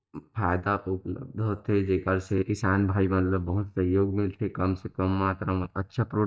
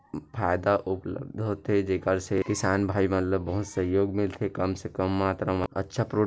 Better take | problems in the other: second | noise reduction (neural mask model DeepFilterNet 3)

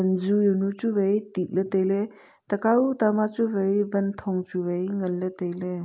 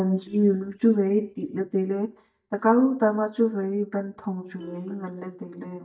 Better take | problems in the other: first | noise reduction (neural mask model DeepFilterNet 3)

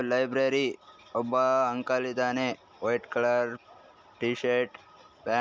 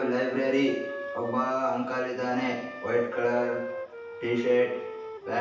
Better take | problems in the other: first | background sound (Wind instrument, woodwind instrument); 10 dB below the speech // room echo; dies away in 0.9 s

